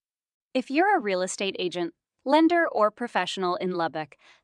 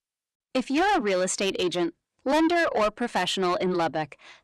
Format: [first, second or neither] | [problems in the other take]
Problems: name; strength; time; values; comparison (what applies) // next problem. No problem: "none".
first | distortion; heavy; 8 dB below the speech